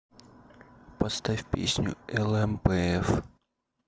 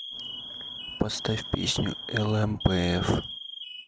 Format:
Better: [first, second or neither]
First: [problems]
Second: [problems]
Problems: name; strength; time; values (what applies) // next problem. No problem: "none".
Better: first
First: none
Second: background sound (Alarm); 10 dB below the speech